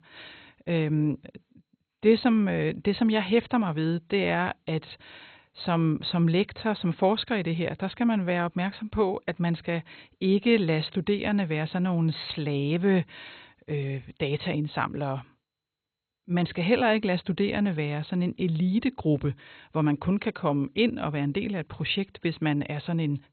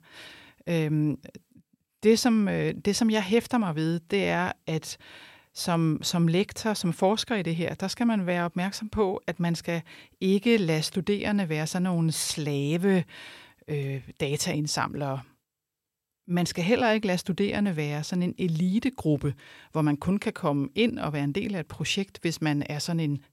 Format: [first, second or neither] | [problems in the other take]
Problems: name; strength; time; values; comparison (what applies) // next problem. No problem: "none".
second | garbled, watery; badly; nothing above 4 kHz